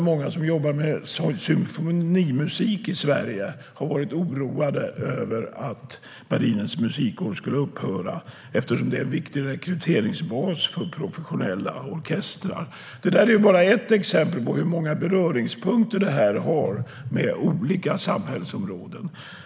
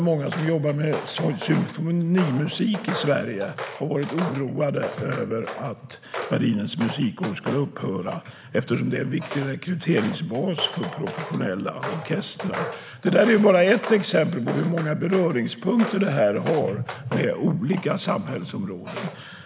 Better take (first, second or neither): first